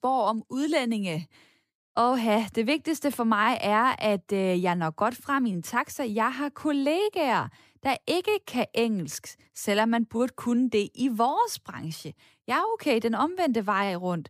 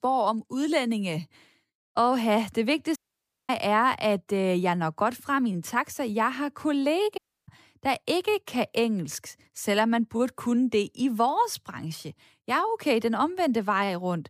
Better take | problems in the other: first | audio cutting out; at 3 s for 0.5 s and at 7 s

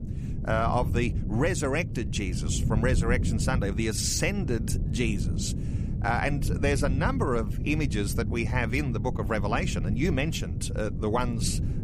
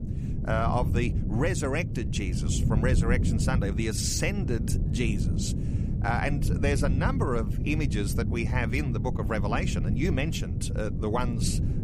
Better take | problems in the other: first | wind noise on the microphone; heavy; 8 dB below the speech; occasional gusts in the first

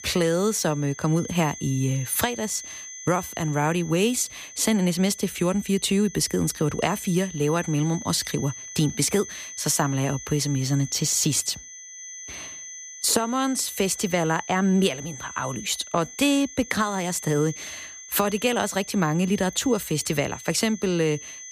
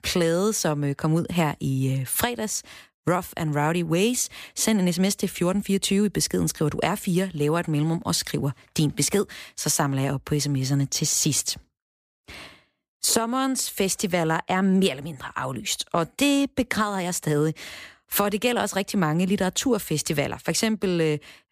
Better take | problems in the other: second | high-pitched whine; noticeable; throughout; 6.5 kHz, 15 dB below the speech

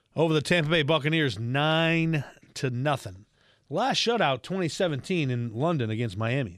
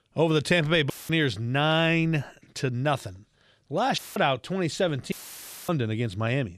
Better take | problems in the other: first | audio cutting out; filled with static; at 1 s, at 4 s and at 5 s for 0.5 s

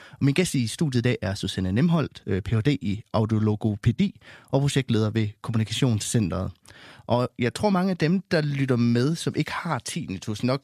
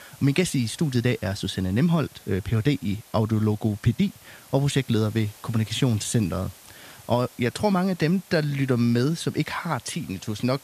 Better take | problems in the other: first | hiss; faint; throughout; 25 dB below the speech

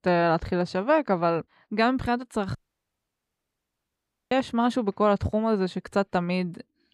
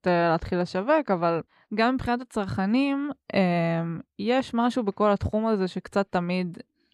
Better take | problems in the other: second | audio cutting out; at 2.5 s for 2 s

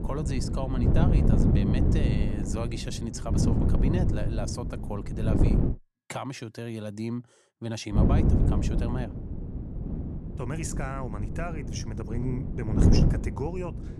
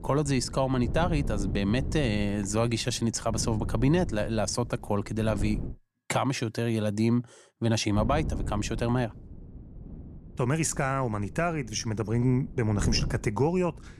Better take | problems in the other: second | wind noise on the microphone; heavy; until 5.5 s and from 8 s on; 1 dB above the speech; occasional gusts in the second

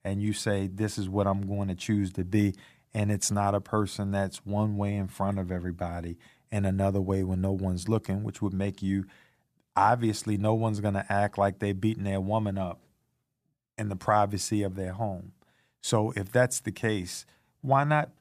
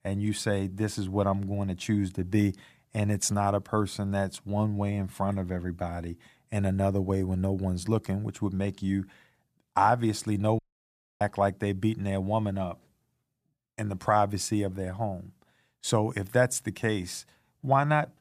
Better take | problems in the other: first | audio cutting out; at 11 s for 0.5 s

